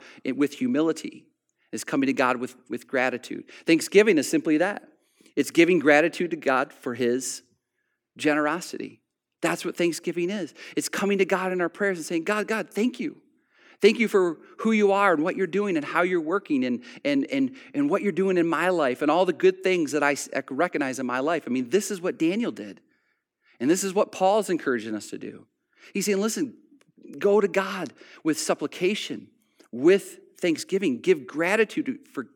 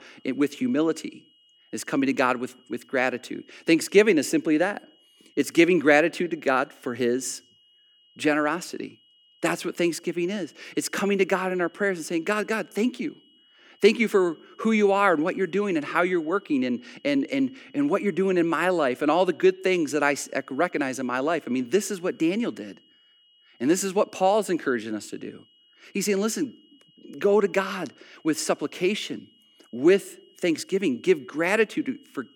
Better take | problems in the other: first | high-pitched whine; faint; throughout; 3 kHz, 35 dB below the speech

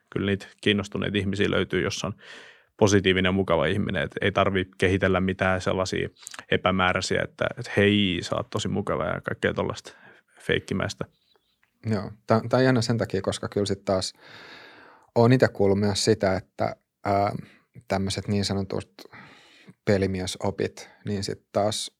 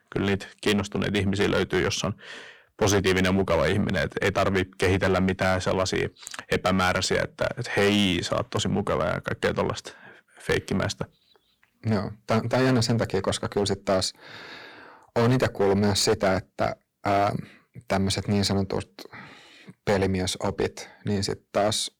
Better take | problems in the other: first | distortion; heavy; 7% of the sound clipped

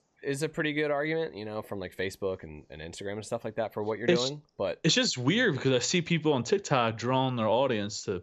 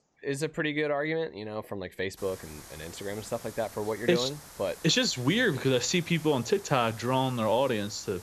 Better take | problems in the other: first | hiss; noticeable; from 2 s on; 20 dB below the speech

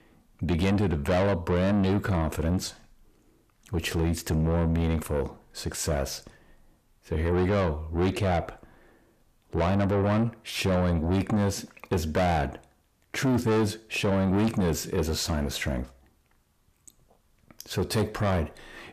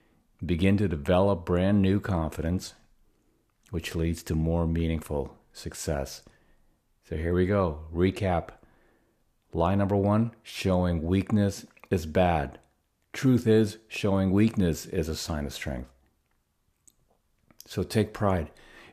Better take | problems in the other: second | distortion; heavy; 8 dB below the speech

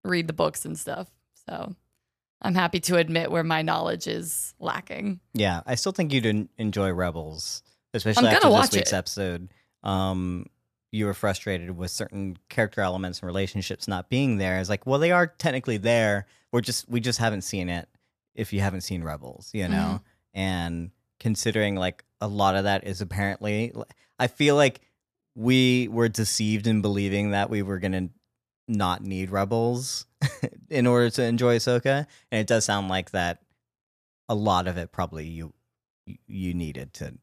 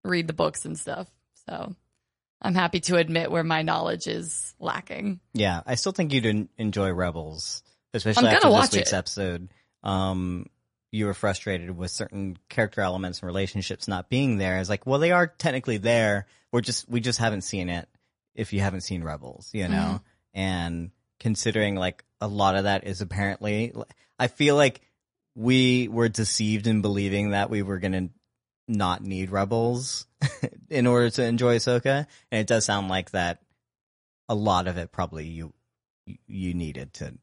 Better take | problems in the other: first | garbled, watery; slightly; nothing above 10.5 kHz

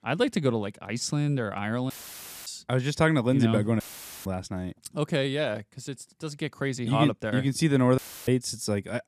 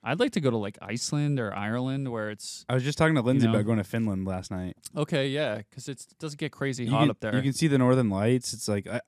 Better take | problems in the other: second | audio cutting out; filled with static; at 2 s for 0.5 s, at 4 s and at 8 s

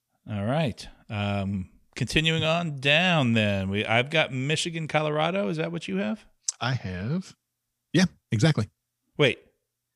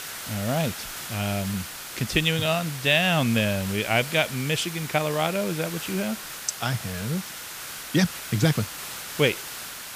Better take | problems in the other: first | hiss; loud; throughout; 9 dB below the speech

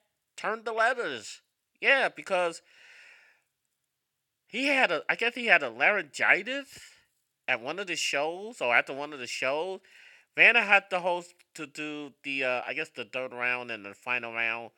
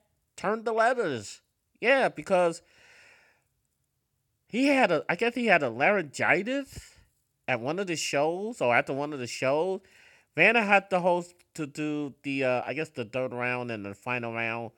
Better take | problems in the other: second | thin; very slightly; fading below 1 kHz

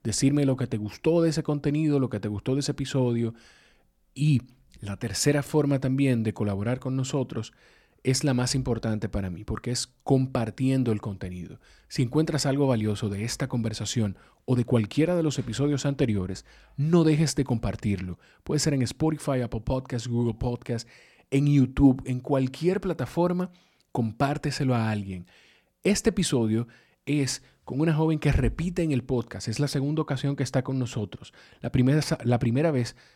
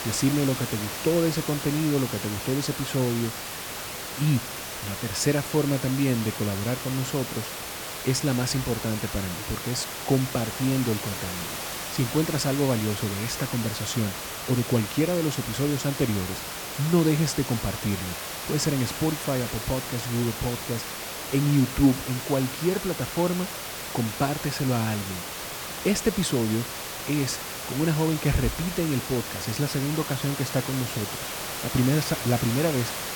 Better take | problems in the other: first | hiss; loud; throughout; 5 dB below the speech

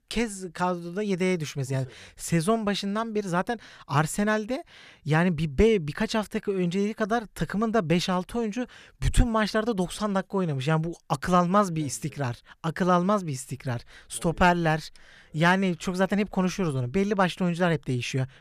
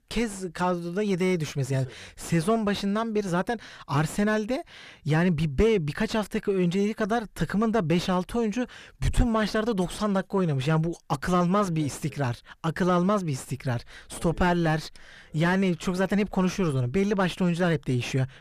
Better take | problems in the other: first | distortion; slight; 9 dB below the speech

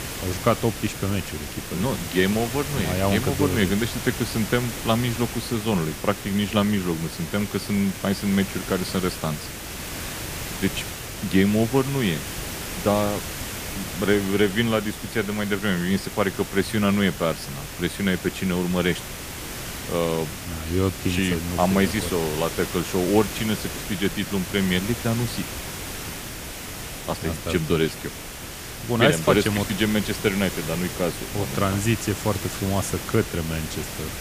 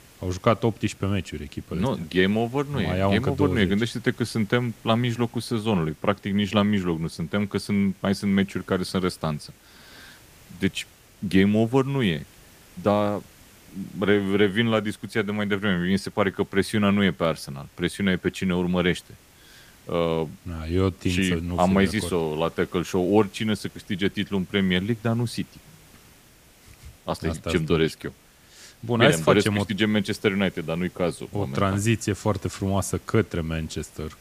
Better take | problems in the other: second | hiss; loud; throughout; 8 dB below the speech; faint in the second

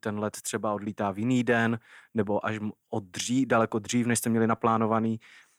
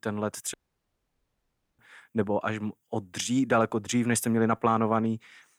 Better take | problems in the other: first | audio cutting out; at 0.5 s for 1.5 s

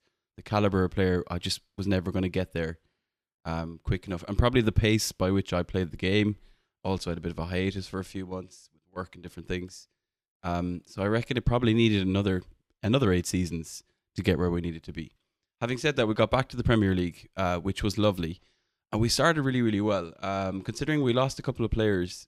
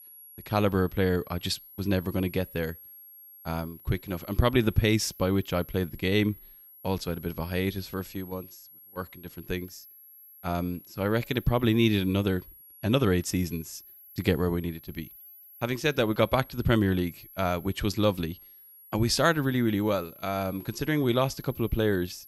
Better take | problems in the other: first | high-pitched whine; noticeable; throughout; 11.5 kHz, 20 dB below the speech

